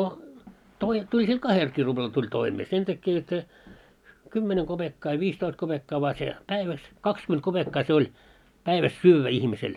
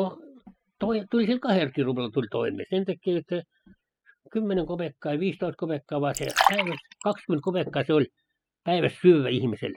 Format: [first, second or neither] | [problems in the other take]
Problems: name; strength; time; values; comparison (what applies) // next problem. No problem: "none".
first | noise reduction (classical method spectral subtraction)